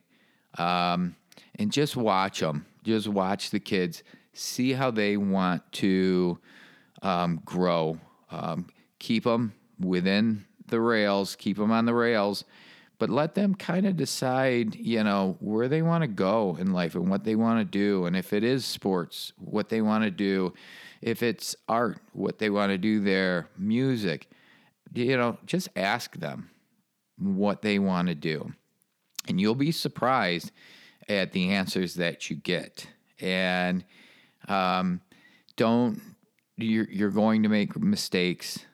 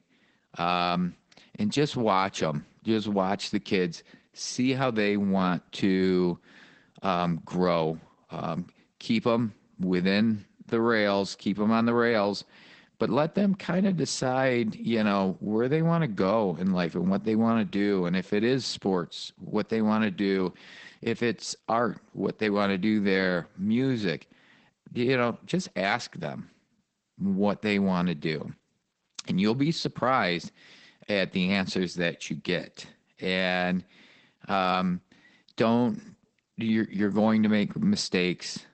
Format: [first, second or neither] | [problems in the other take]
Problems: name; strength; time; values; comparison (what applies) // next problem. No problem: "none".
first | garbled, watery; badly; nothing above 8 kHz